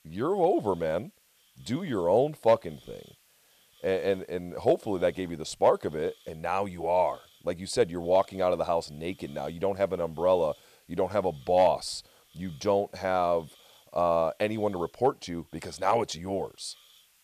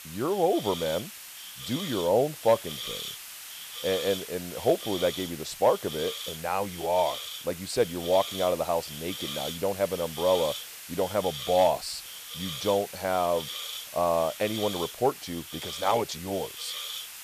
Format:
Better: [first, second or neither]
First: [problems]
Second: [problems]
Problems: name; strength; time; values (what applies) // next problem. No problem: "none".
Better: first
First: hiss; faint; throughout; 30 dB below the speech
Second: hiss; loud; throughout; 8 dB below the speech